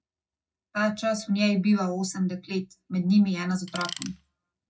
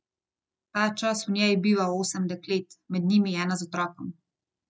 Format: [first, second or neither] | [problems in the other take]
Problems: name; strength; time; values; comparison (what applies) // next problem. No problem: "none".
second | background sound (Tools); 12 dB below the speech // room echo; dies away in 0.3 s